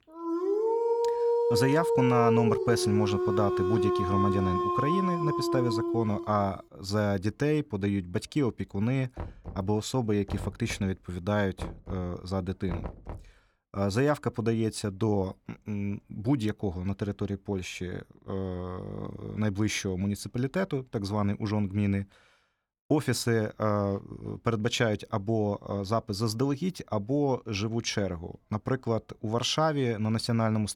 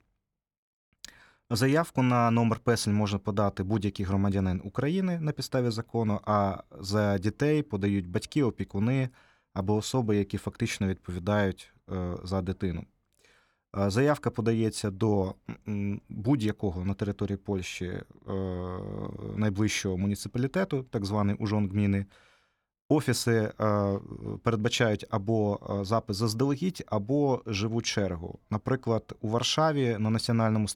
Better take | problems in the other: second | dog barking; loud; until 6 s; peak 4 dB above the speech // door banging; noticeable; from 9 to 13 s; peak 10 dB below the speech

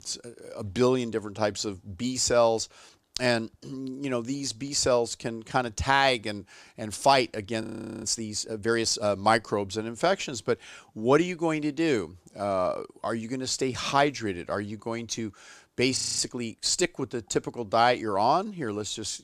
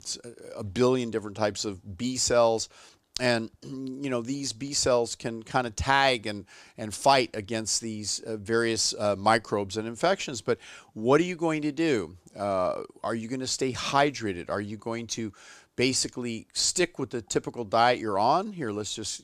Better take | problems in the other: second | audio freezing; at 7.5 s and at 16 s

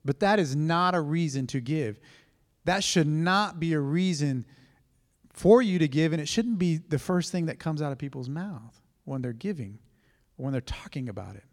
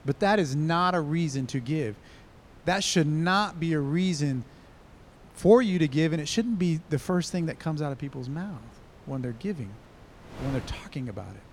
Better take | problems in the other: first | wind noise on the microphone; occasional gusts; 25 dB below the speech

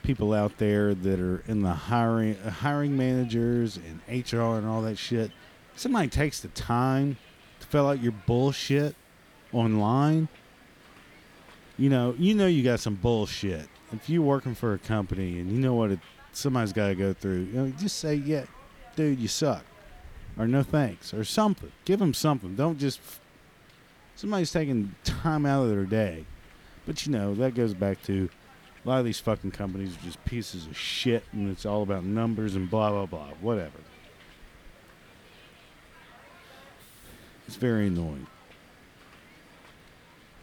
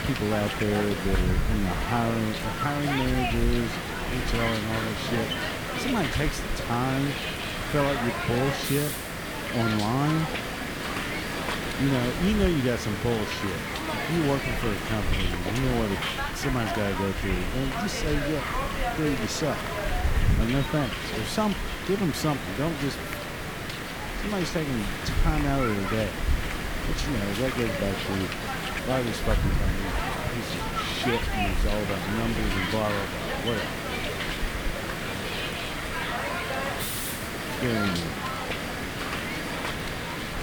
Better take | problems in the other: first | hiss; loud; throughout; as loud as the speech; faint in the first

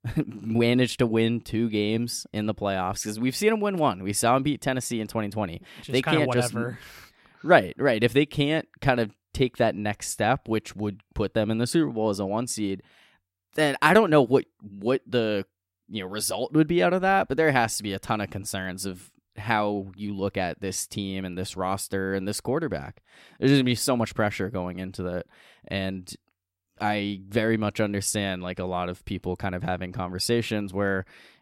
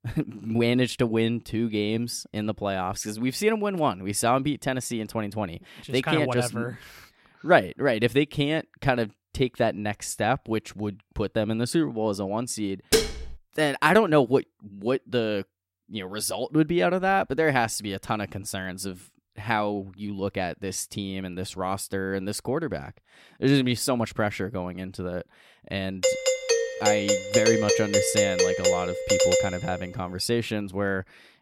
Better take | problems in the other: first | clattering dishes; loud; at 13 s; peak 3 dB above the speech // doorbell; loud; from 26 to 30 s; peak 6 dB above the speech

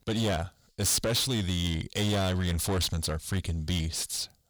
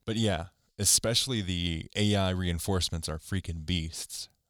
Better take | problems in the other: second | distortion; heavy; 7 dB below the speech

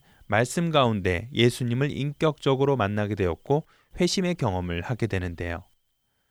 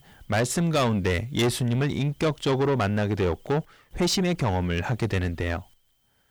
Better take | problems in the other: first | distortion; heavy; 8 dB below the speech

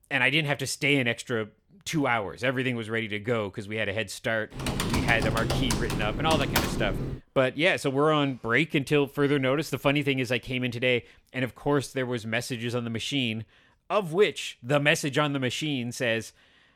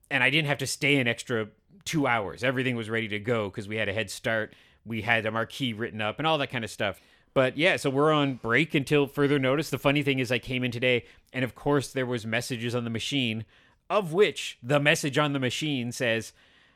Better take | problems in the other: second | keyboard typing; loud; from 4.5 to 7 s; peak level with the speech

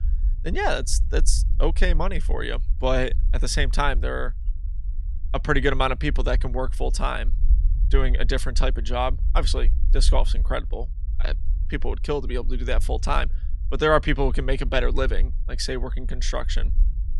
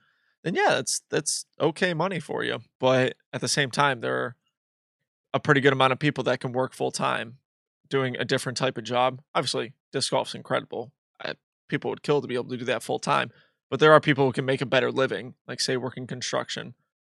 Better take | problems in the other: second | low rumble; faint; throughout; 25 dB below the speech

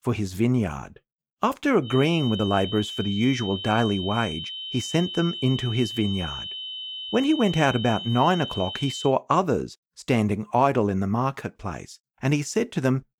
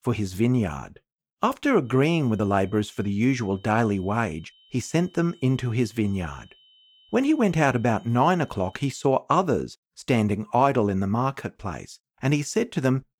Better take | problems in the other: second | high-pitched whine; loud; from 2 to 9 s; 3 kHz, 8 dB below the speech; faint in the second

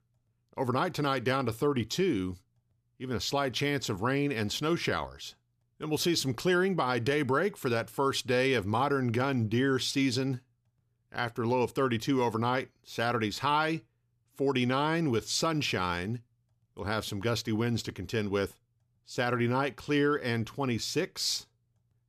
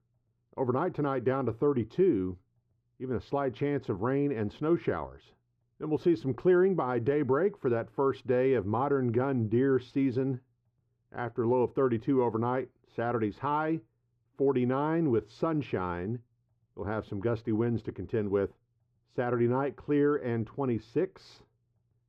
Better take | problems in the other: first | muffled; very; fading above 3 kHz

